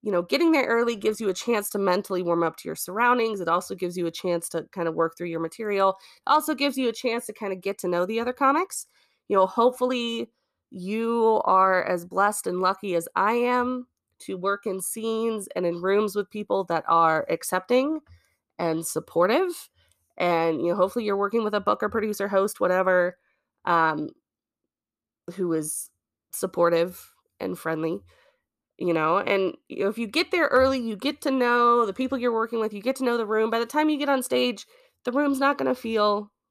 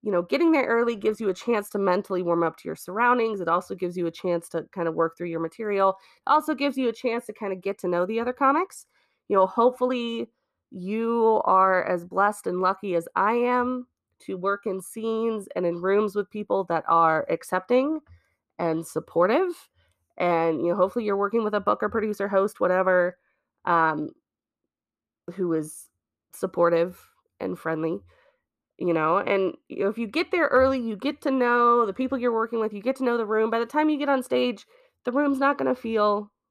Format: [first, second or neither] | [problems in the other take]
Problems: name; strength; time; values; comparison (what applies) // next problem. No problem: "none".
first | muffled; slightly; fading above 3 kHz